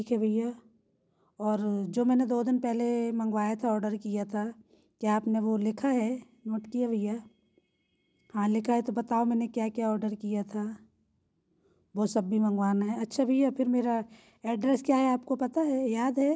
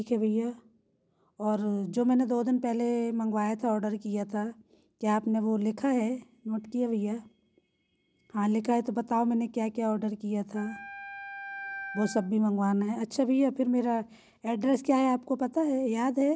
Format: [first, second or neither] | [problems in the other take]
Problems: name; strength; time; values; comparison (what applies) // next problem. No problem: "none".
first | background sound (Wind instrument, woodwind instrument); 12 dB below the speech